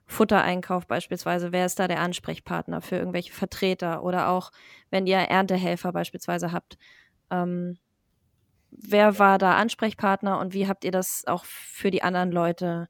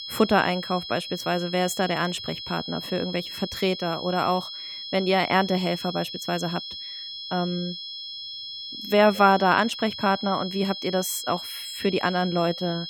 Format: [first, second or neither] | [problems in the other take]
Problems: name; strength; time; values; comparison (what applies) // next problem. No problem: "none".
first | high-pitched whine; loud; throughout; 3.5 kHz, 9 dB below the speech